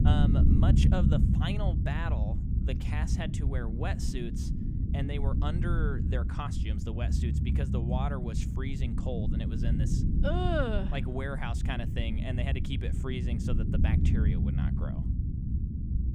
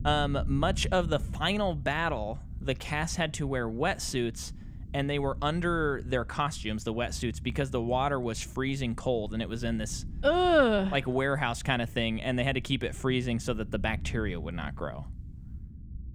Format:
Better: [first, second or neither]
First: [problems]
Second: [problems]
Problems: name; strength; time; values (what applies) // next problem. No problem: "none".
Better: second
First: low rumble; loud; throughout; 3 dB below the speech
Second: low rumble; faint; throughout; 25 dB below the speech